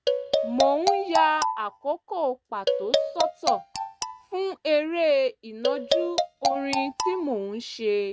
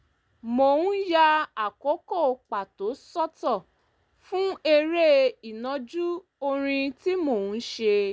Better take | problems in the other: second | noise reduction (neural mask model RNNoise)

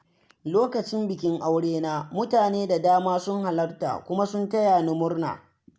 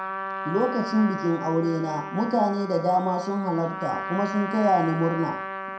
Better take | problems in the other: first | background sound (Trumpet); 8 dB below the speech // room echo; dies away in 0.4 s

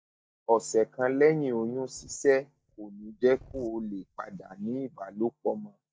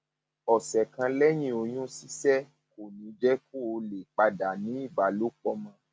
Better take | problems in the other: second | noise reduction (neural mask model DeepFilterNet 3)

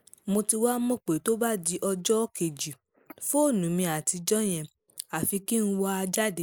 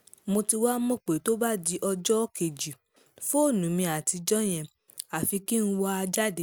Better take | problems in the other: second | noise reduction (neural mask model Resemble Enhance denoiser)

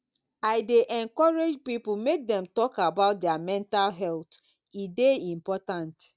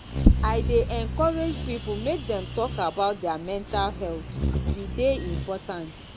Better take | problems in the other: first | background sound (Bird vocalization, bird call, bird song); 1 dB above the speech

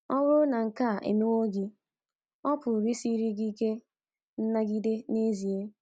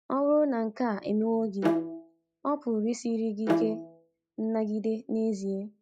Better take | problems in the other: first | noise reduction (classical method log-MMSE)

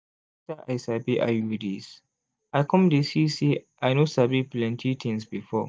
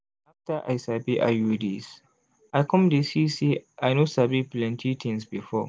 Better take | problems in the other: second | noise reduction (neural mask model DeepFilterNet 3)

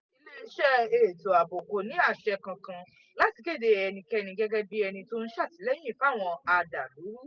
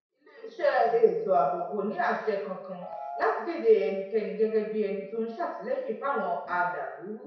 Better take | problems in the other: first | background sound (Piano); 10 dB below the speech // room echo; dies away in 0.7 s

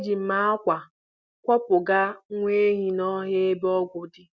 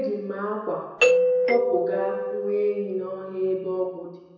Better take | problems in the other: first | background sound (Doorbell); 4 dB above the speech // room echo; dies away in 1 s

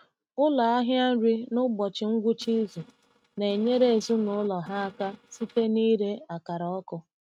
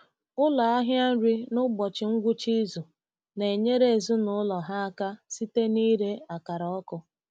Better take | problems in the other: second | noise reduction (neural mask model RNNoise)

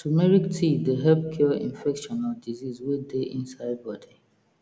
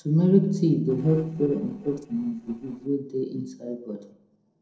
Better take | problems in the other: first | noise reduction (neural separator model SepFormer DNS4)

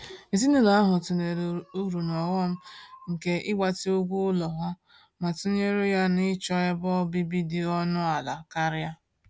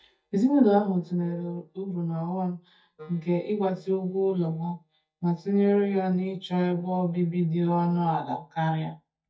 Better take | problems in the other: first | noise reduction (neural mask model DeepFilterNet 3)

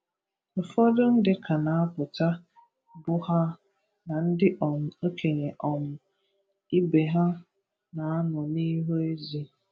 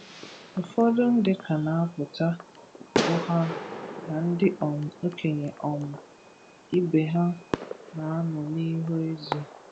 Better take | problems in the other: first | background sound (Fireworks); 9 dB below the speech

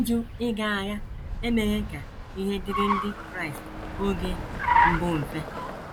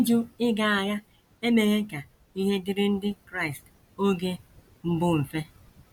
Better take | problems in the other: second | background sound (Car); as loud as the speech

